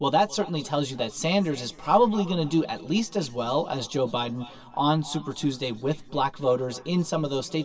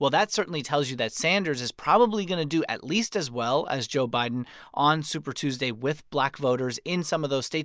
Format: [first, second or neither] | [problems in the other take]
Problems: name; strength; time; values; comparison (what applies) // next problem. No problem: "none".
second | room echo; dies away in 2.4 s